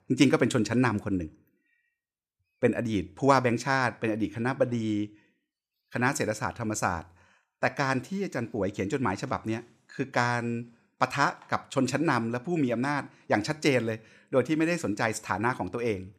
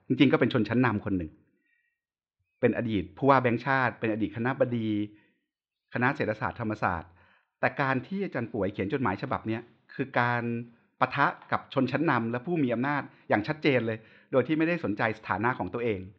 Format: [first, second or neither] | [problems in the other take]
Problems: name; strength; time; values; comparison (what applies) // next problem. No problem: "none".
first | muffled; slightly; fading above 4 kHz